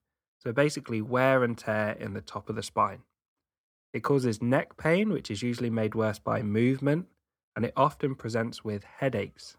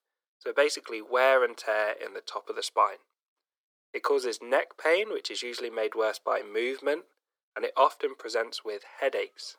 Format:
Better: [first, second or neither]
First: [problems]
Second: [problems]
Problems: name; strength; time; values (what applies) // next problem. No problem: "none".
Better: first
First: none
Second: thin; very; fading below 400 Hz